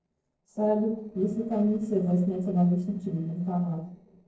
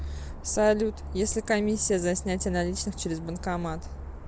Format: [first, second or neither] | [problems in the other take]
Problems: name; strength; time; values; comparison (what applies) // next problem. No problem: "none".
second | noise reduction (neural separator model SepFormer DNS4)